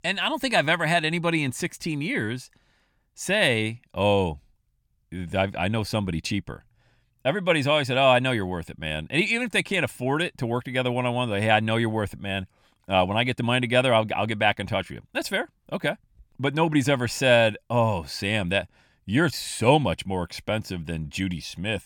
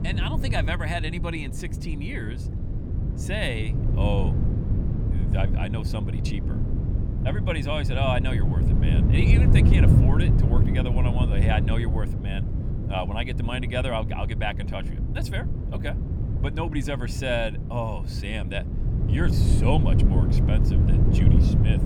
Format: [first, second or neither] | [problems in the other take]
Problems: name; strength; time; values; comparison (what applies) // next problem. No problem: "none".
first | wind noise on the microphone; heavy; 4 dB below the speech